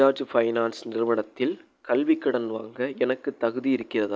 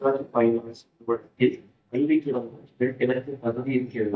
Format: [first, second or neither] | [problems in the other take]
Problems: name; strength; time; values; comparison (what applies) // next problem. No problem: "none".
first | noise reduction (neural mask model DeepFilterNet 3)